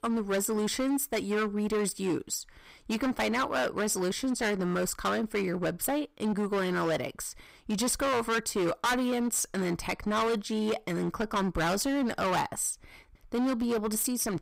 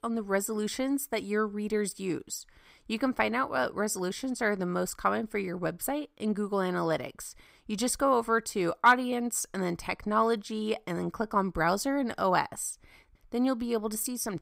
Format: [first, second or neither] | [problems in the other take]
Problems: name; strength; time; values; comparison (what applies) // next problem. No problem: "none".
second | distortion; heavy; 18% of the sound clipped